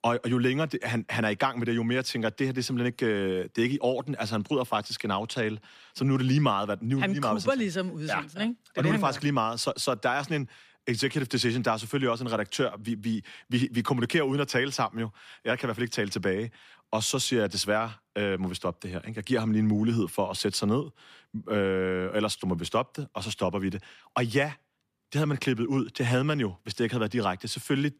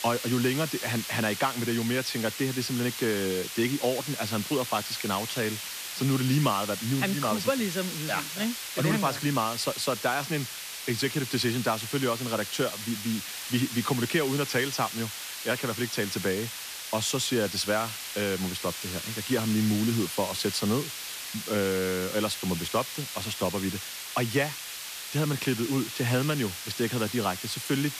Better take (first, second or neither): first